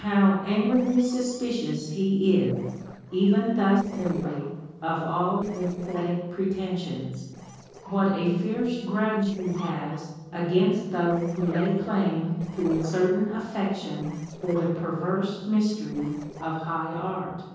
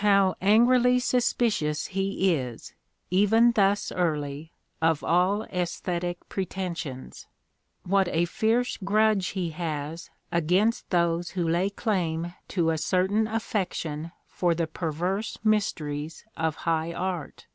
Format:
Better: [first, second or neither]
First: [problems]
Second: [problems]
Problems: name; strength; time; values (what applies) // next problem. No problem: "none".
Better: second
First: noise reduction (neural separator model SepFormer DNS4)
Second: none